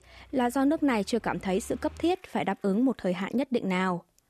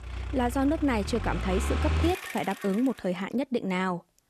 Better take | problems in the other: first | traffic noise; loud; throughout; 4 dB below the speech; faint in the first

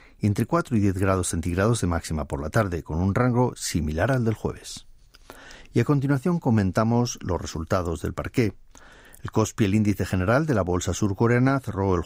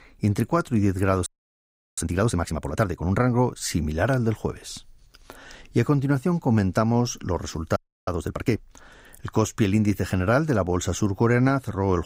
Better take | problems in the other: first | audio freezing; at 1.5 s for 0.5 s and at 8 s

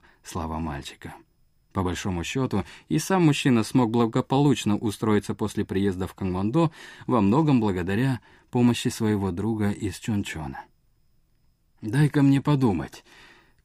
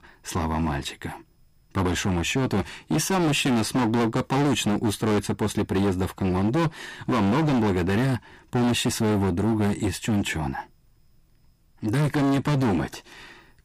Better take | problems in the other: first | distortion; heavy; 21% of the sound clipped

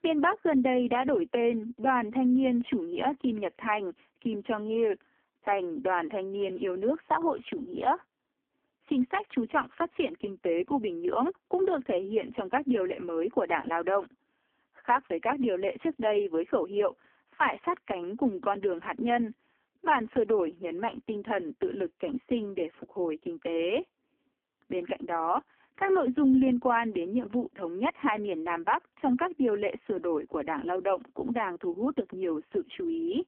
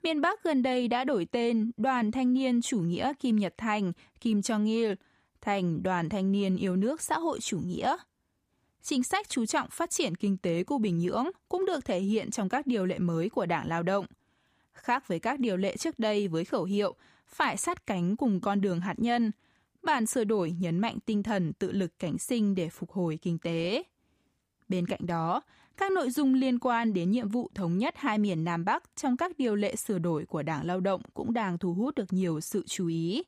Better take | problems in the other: second | phone-call audio; poor line; nothing above 3.5 kHz

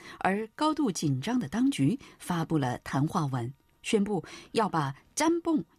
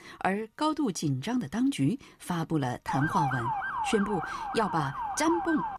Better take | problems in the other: first | siren; loud; from 3 s on; peak 1 dB above the speech

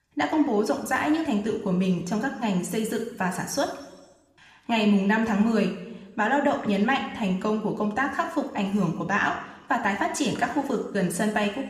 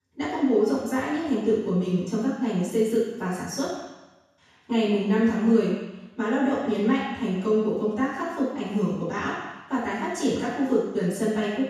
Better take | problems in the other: first | room echo; strong; dies away in 1.1 s; slight in the first // off-mic speech; far

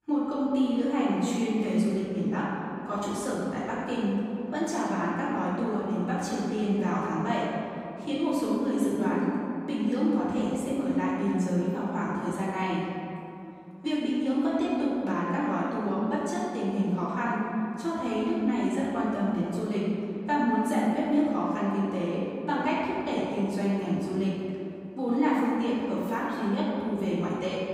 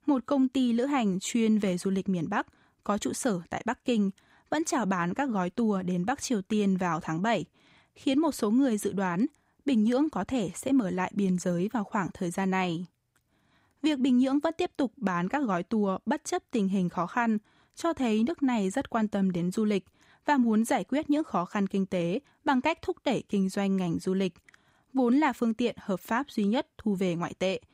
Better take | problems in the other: second | off-mic speech; far // room echo; strong; dies away in 2.6 s

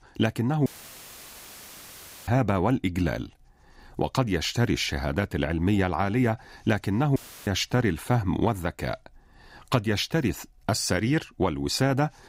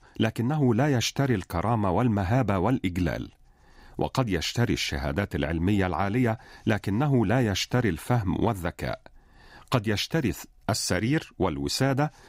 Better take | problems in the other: second | audio cutting out; filled with static; at 0.5 s for 1.5 s and at 7 s

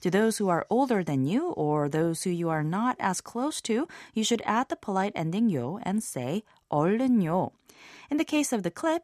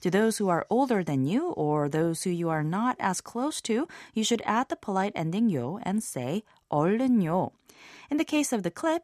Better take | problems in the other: neither | none

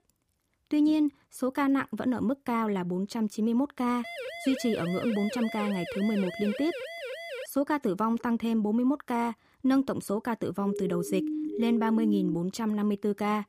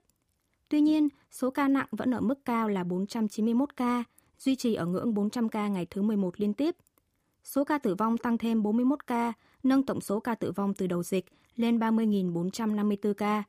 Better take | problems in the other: second | siren; noticeable; from 4 to 7.5 s and from 11 to 12 s; peak 3 dB below the speech

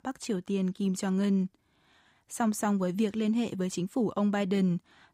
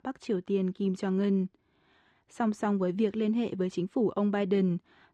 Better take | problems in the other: first | muffled; slightly; fading above 3.5 kHz

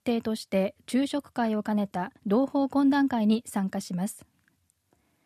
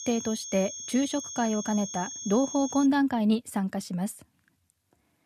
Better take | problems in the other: first | high-pitched whine; loud; until 3 s; 6.5 kHz, 9 dB below the speech

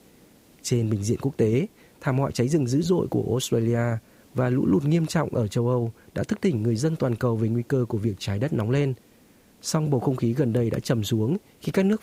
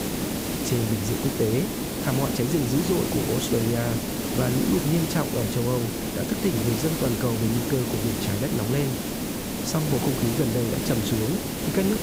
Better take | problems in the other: first | hiss; loud; throughout; 1 dB below the speech; faint in the first

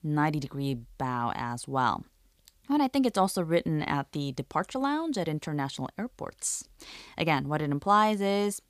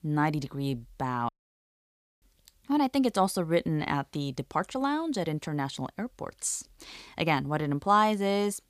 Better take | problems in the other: first | audio cutting out; at 1.5 s for 1 s

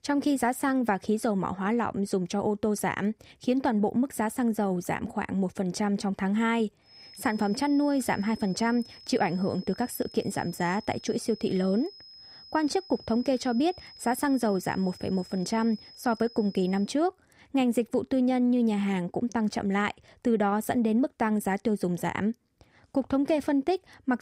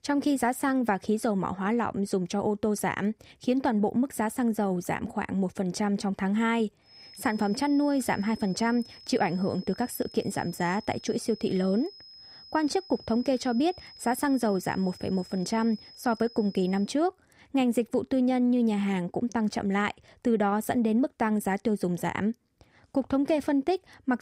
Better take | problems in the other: neither | high-pitched whine; noticeable; from 7 to 17 s; 5 kHz, 20 dB below the speech; the same in both

